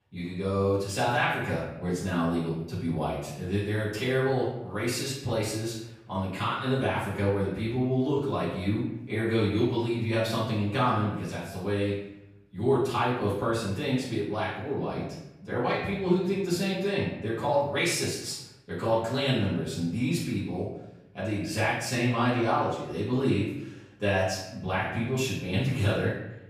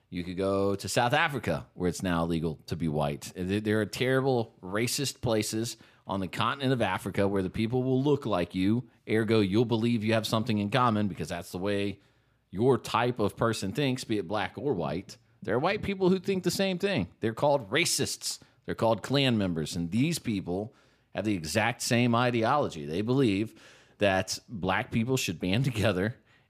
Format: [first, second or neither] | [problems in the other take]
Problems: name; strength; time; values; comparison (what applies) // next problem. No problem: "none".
second | off-mic speech; far // room echo; noticeable; dies away in 0.7 s